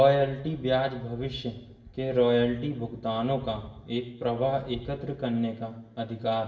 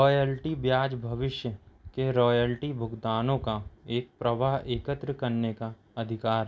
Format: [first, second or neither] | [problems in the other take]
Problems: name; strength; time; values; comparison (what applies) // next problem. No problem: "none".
second | room echo; dies away in 0.9 s